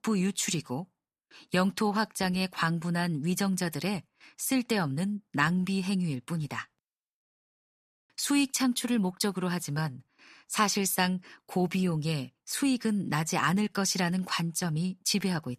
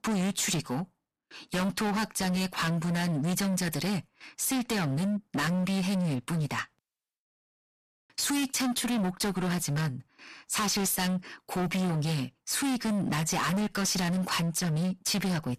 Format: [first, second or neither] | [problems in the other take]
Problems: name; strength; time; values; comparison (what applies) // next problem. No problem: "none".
first | distortion; heavy; 32% of the sound clipped